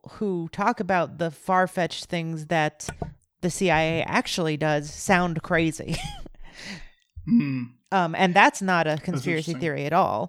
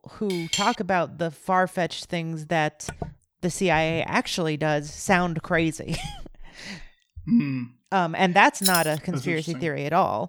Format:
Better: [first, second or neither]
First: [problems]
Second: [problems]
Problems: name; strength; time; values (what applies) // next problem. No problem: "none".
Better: first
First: none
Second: clattering dishes; noticeable; at 0.5 s; peak 3 dB below the speech // jangling keys; loud; at 8.5 s; peak 1 dB above the speech